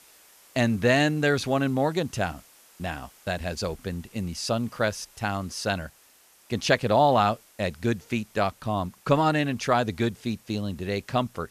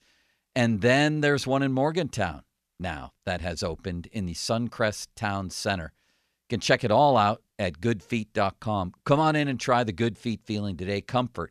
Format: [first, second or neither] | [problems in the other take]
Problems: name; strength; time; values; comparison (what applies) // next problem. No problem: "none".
second | hiss; faint; throughout; 25 dB below the speech